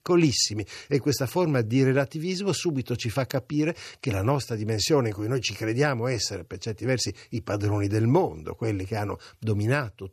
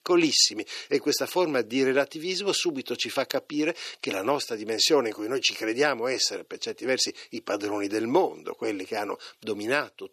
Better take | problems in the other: first | thin; somewhat; fading below 300 Hz

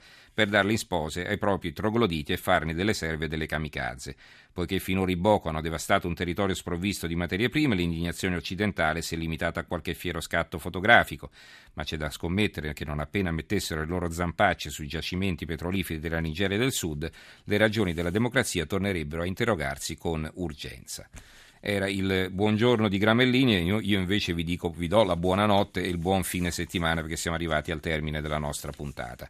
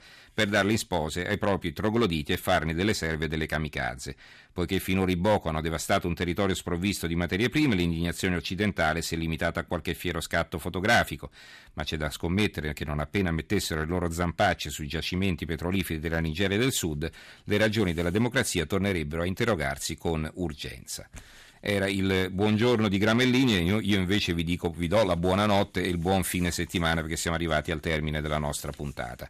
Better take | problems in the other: first | distortion; slight; 3% of the sound clipped

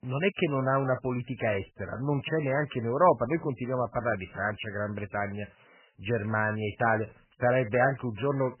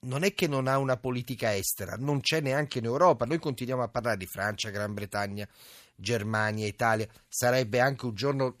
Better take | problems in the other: second | garbled, watery; badly; nothing above 3 kHz

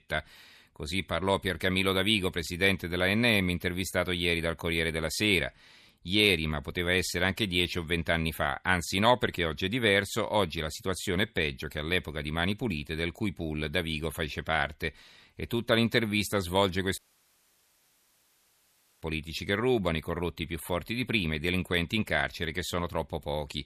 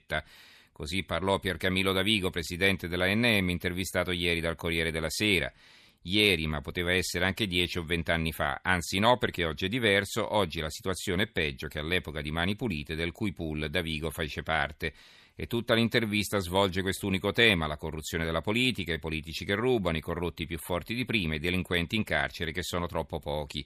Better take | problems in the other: second | audio cutting out; at 17 s for 2 s

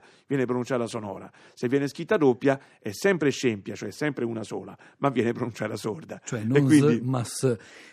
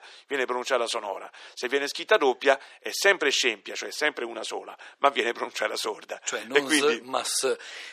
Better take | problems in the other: first | thin; very; fading below 550 Hz

